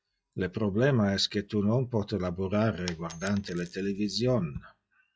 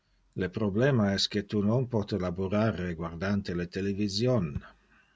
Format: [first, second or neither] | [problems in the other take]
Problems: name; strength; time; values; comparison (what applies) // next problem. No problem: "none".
second | noise reduction (classical method log-MMSE)